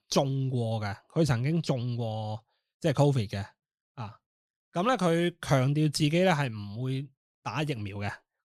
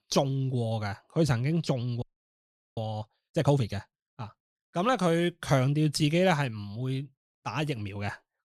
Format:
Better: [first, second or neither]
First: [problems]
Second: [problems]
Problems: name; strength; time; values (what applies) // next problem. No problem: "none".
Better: first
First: none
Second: audio freezing; at 2 s for 1 s